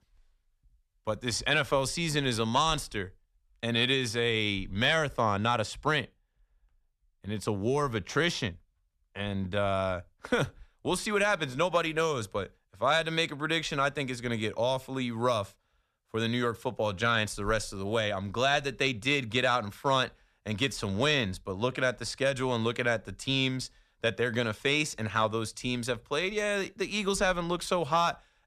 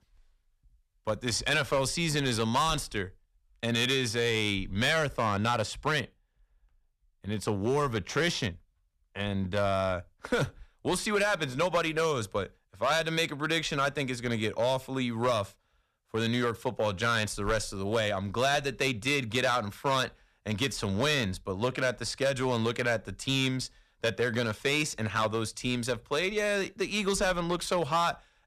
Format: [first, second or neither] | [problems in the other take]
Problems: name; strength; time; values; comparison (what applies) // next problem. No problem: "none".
first | distortion; slight; 4% of the sound clipped